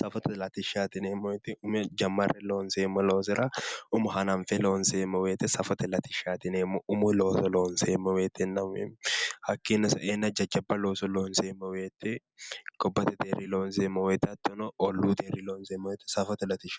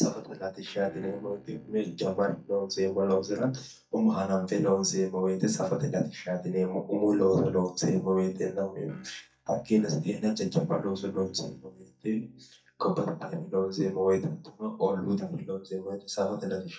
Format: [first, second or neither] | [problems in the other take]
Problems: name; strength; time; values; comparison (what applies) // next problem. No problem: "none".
first | noise reduction (neural mask model DeepFilterNet 3)